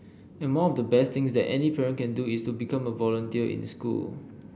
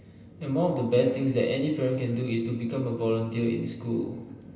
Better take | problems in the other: first | room echo; dies away in 1 s

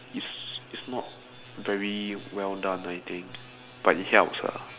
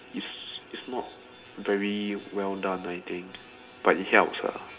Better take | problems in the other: first | room echo; dies away in 0.3 s

